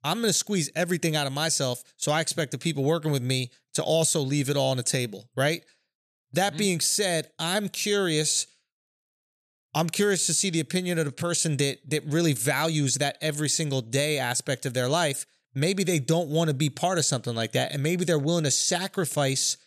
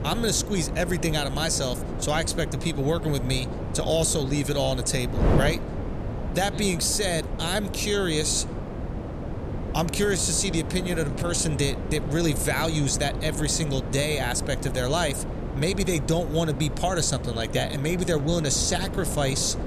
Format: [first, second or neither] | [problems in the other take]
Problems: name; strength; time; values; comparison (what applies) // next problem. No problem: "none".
first | wind noise on the microphone; heavy; 10 dB below the speech